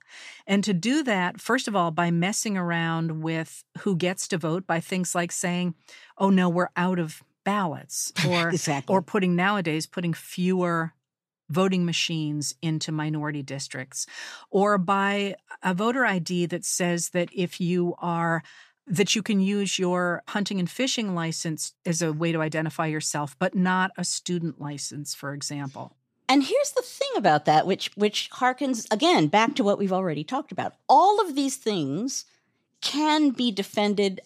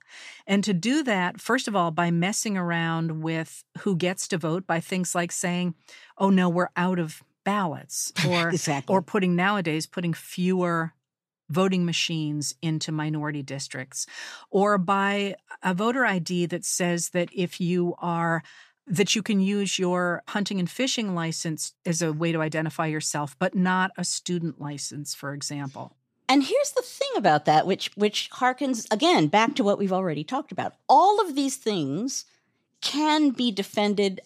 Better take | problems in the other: neither | none

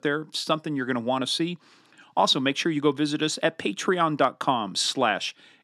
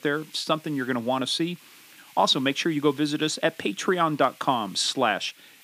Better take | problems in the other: first | hiss; faint; throughout; 25 dB below the speech

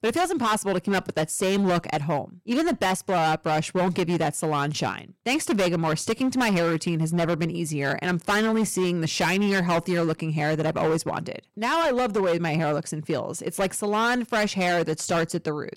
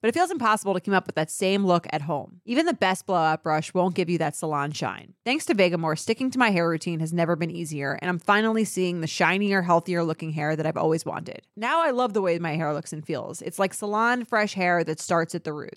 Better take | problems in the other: second | distortion; heavy; 17% of the sound clipped

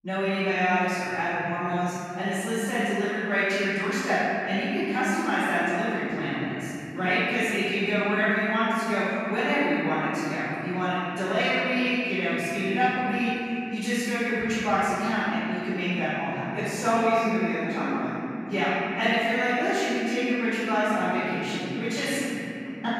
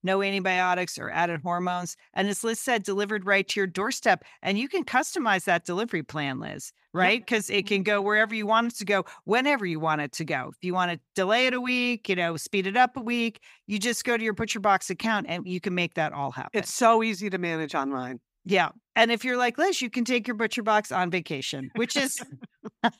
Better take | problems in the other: second | off-mic speech; far // room echo; strong; dies away in 3 s

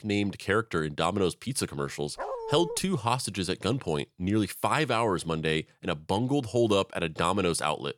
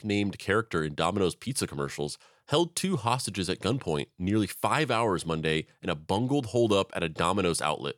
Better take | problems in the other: second | dog barking; noticeable; at 2 s; peak 6 dB below the speech

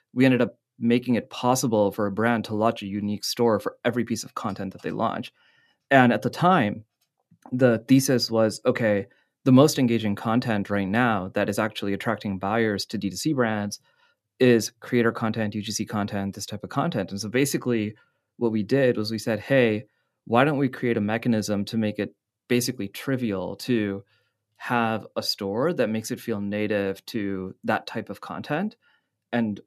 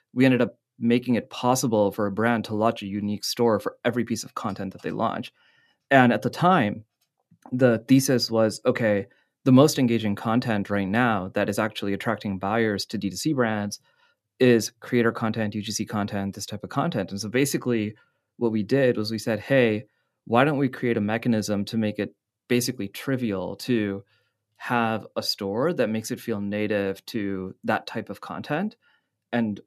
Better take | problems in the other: neither | none

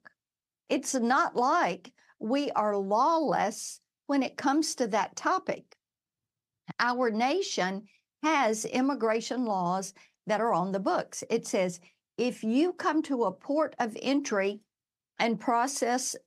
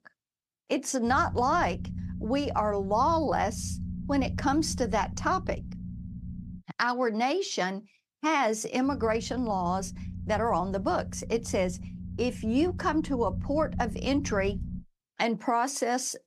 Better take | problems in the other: first | low rumble; faint; from 1 to 6.5 s and from 9 to 15 s; 20 dB below the speech

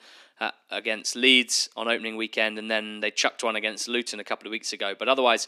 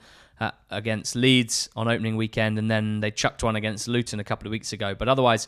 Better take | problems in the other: second | thin; somewhat; fading below 250 Hz

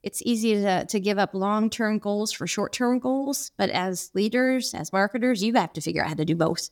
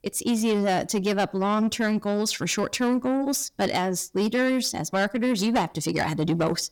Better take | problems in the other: first | distortion; slight; 10 dB below the speech

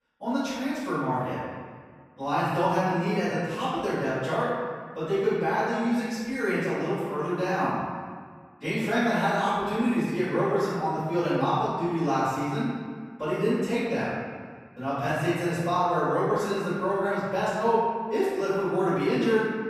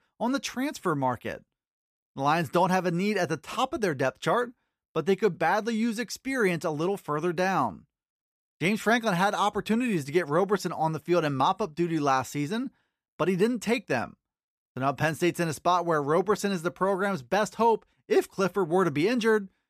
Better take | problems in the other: second | off-mic speech; far // room echo; strong; dies away in 1.7 s

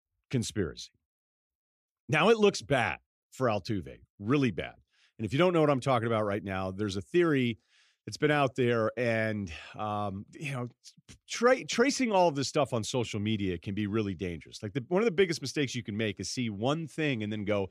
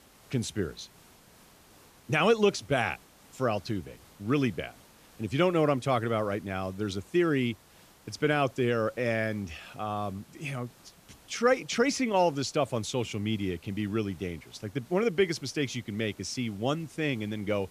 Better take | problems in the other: first | hiss; faint; throughout; 25 dB below the speech

